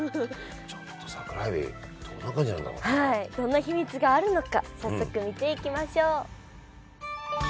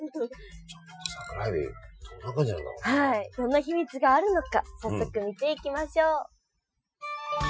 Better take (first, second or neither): first